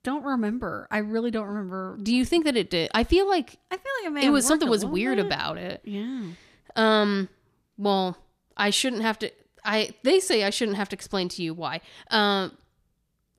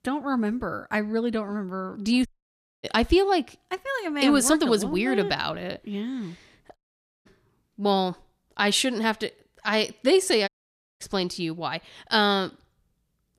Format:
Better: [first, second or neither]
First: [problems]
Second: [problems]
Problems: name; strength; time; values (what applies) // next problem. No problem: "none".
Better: first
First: none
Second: audio cutting out; at 2.5 s for 0.5 s, at 7 s and at 10 s for 0.5 s